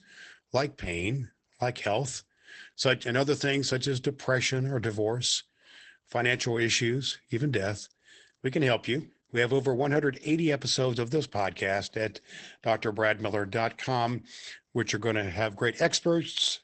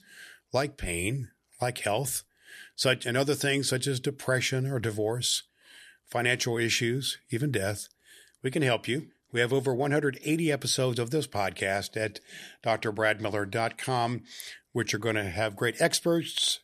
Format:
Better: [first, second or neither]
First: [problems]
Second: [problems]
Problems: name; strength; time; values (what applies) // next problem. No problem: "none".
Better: second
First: garbled, watery; badly; nothing above 8 kHz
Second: none